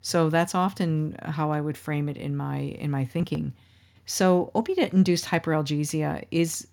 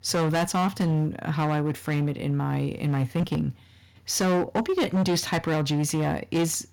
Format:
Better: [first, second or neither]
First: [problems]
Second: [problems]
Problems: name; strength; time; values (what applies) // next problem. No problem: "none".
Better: first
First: none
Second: distortion; heavy; 16% of the sound clipped